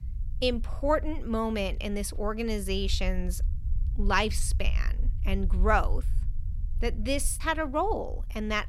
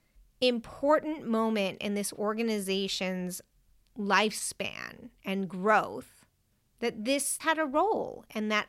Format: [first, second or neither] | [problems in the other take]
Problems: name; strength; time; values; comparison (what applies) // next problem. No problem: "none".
second | low rumble; faint; throughout; 25 dB below the speech